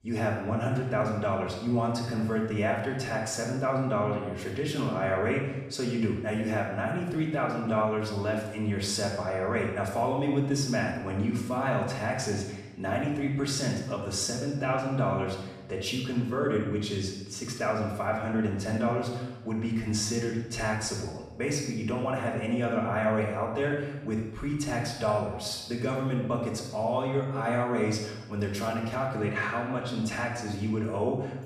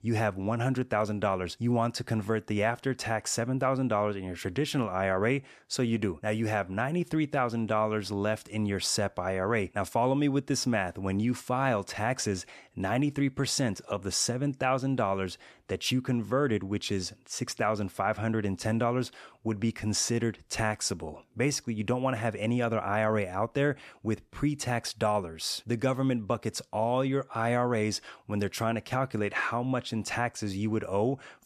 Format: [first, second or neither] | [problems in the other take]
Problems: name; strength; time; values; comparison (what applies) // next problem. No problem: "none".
second | off-mic speech; far // room echo; noticeable; dies away in 0.9 s